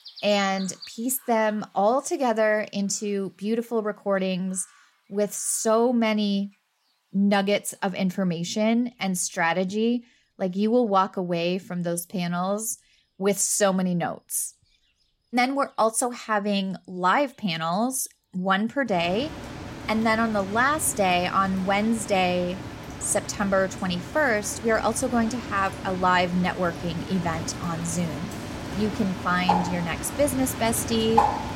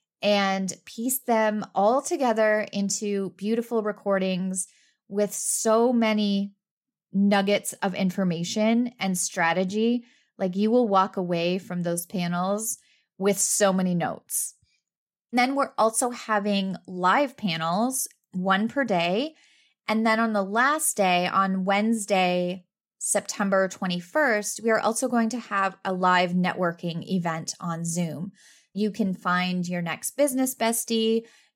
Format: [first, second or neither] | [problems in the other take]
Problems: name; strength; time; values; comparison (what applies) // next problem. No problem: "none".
second | animal sounds; loud; throughout; 8 dB below the speech